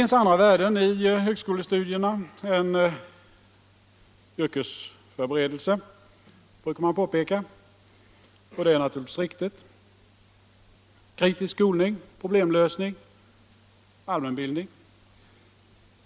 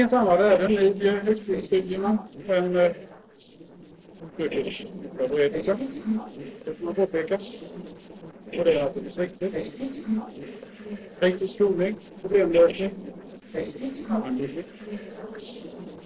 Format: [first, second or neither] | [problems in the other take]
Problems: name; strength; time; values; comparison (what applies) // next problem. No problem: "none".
first | noise reduction (neural separator model SepFormer DNS4)